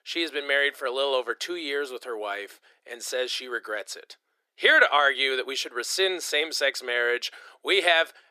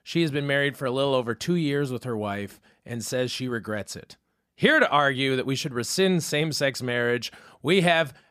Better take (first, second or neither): second